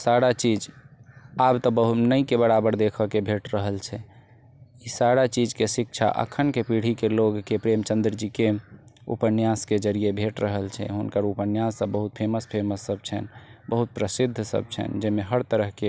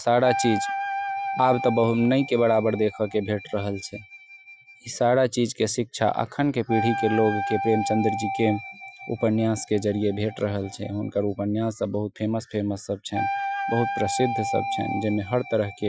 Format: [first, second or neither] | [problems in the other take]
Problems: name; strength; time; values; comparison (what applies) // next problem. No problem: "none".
first | noise reduction (classical method Wiener filter)